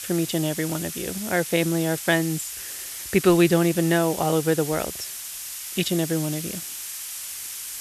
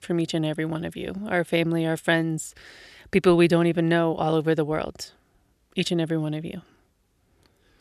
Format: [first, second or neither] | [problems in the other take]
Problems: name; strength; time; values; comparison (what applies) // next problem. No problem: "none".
second | hiss; loud; throughout; 8 dB below the speech